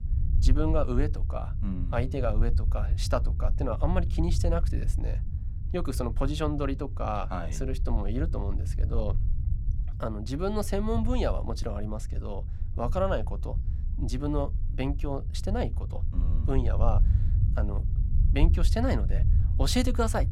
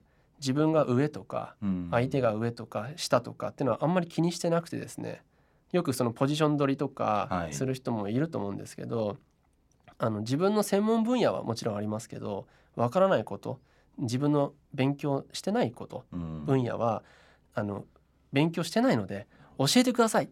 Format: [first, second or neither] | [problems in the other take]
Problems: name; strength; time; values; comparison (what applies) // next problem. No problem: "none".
second | low rumble; noticeable; throughout; 15 dB below the speech